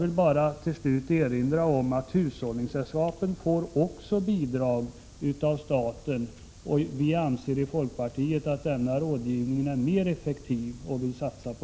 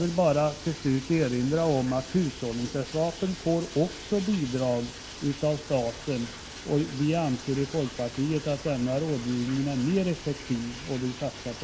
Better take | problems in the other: first | background sound (Bathtub (filling or washing)); 15 dB below the speech

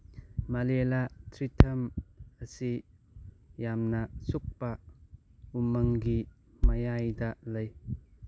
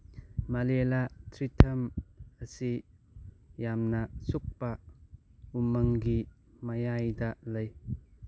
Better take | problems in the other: second | background sound (Bass drum); 4 dB above the speech

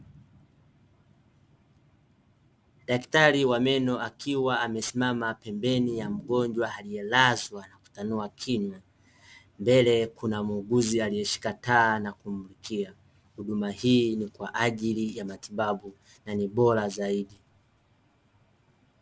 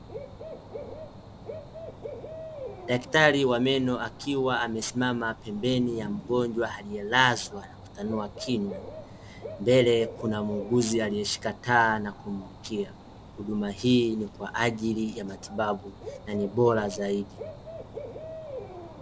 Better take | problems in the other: first | background sound (Bird / Dog); 14 dB below the speech

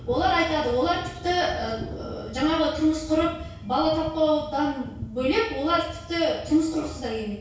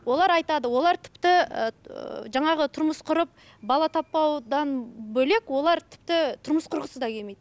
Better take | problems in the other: second | background sound (Thunder); 17 dB below the speech // room echo; dies away in 0.6 s

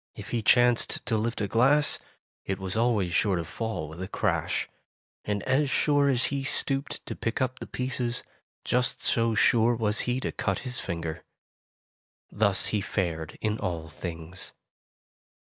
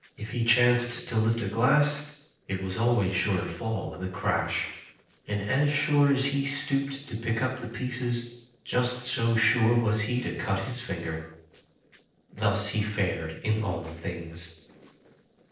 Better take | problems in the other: first | noise reduction (neural separator model SepFormer DNS4)

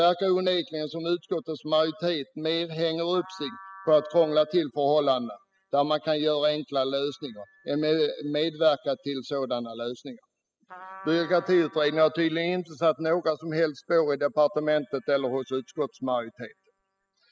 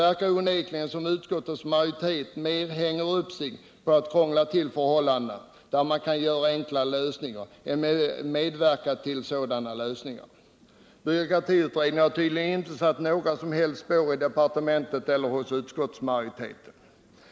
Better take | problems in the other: second | noise reduction (classical method spectral subtraction)

